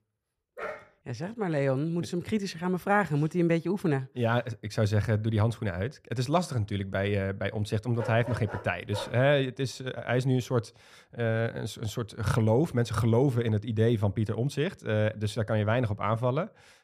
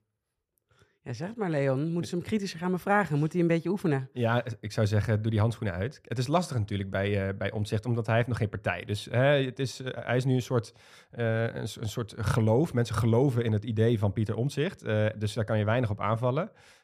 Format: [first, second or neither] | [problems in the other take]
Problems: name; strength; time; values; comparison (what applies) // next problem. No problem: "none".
second | dog barking; faint; at 0.5 s; peak 10 dB below the speech // dog barking; noticeable; from 8 to 9 s; peak 9 dB below the speech